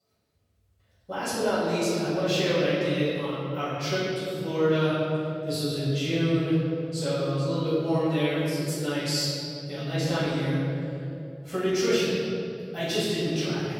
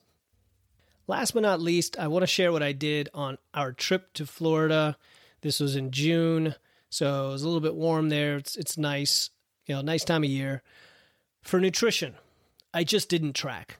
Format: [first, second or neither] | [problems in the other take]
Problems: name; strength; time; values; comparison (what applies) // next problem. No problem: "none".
second | off-mic speech; far // room echo; strong; dies away in 2.9 s